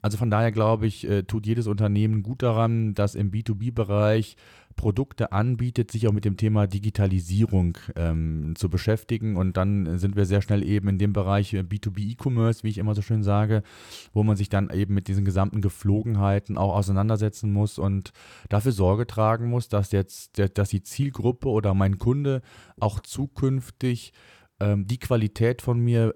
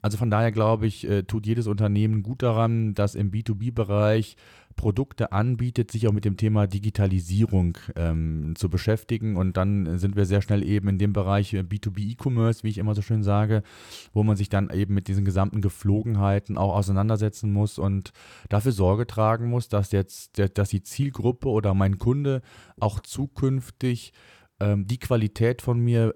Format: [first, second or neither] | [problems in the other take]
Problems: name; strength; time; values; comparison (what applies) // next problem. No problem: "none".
neither | none